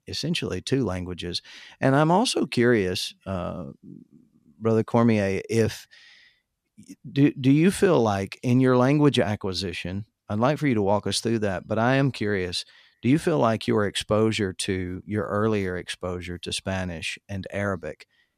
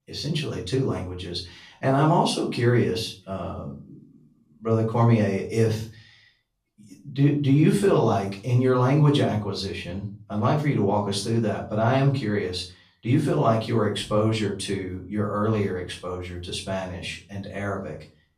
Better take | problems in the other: first | off-mic speech; far // room echo; slight; dies away in 0.4 s

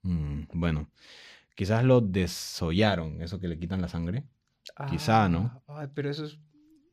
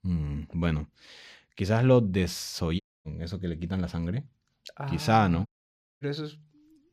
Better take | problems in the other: first | audio cutting out; at 3 s and at 5.5 s for 0.5 s

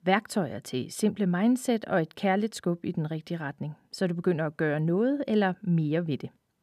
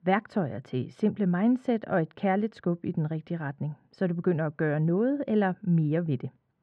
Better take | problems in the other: first | muffled; very; fading above 2 kHz

